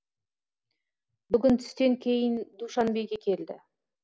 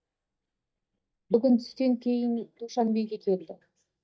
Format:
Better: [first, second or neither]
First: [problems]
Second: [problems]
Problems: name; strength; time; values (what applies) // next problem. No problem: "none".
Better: first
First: none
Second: noise reduction (neural mask model DeepFilterNet 3)